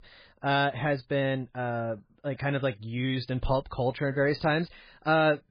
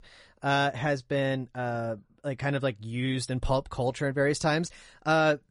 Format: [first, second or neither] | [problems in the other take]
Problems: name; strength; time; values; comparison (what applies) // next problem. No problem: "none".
second | garbled, watery; badly; slightly in the second